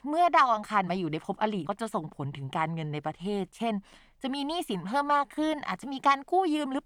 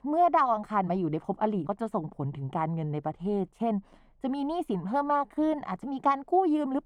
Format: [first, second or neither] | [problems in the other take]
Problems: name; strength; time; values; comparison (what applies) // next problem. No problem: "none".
first | muffled; slightly; fading above 1.5 kHz